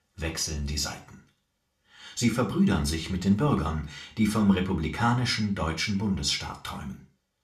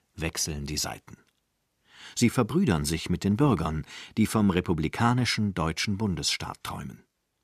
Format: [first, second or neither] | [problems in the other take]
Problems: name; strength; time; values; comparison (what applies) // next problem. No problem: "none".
second | room echo; very slight; dies away in 0.3 s // off-mic speech; somewhat distant